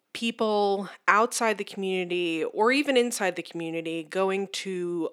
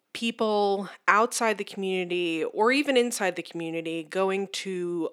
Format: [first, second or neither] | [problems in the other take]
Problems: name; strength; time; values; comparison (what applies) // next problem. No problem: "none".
neither | thin; somewhat; fading below 300 Hz; the same in both